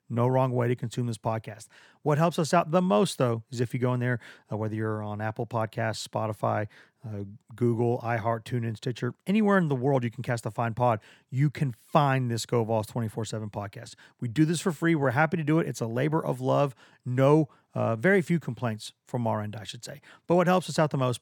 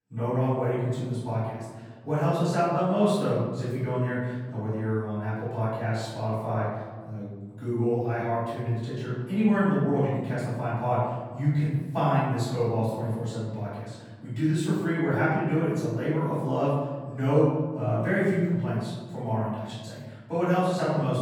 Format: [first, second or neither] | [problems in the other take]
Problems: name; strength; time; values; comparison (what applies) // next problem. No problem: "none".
first | off-mic speech; far // room echo; strong; dies away in 1.6 s